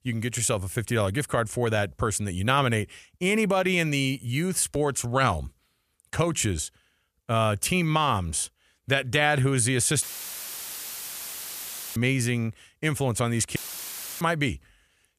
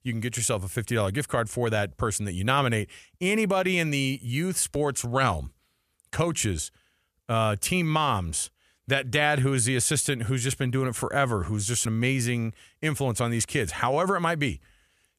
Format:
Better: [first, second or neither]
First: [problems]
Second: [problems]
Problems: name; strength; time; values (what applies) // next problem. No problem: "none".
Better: second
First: audio cutting out; filled with static; at 10 s for 2 s and at 14 s for 0.5 s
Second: none